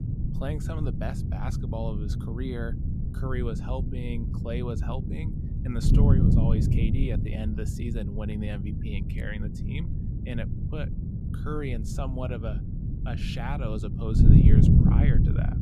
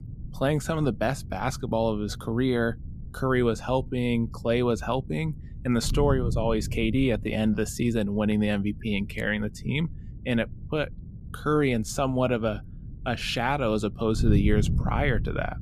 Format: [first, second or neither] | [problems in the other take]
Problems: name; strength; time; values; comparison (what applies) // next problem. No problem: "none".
second | wind noise on the microphone; heavy; 1 dB above the speech; occasional gusts in the second